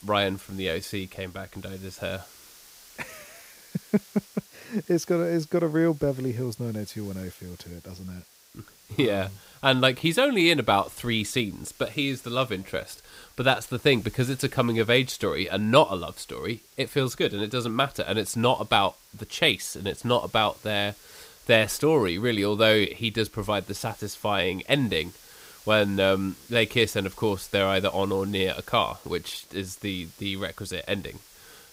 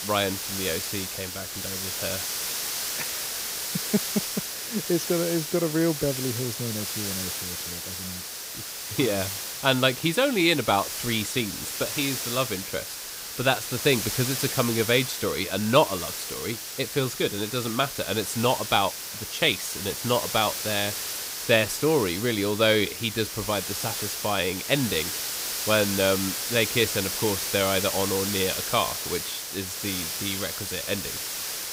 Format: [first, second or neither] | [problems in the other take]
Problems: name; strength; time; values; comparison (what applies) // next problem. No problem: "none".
first | hiss; loud; throughout; 3 dB below the speech; faint in the first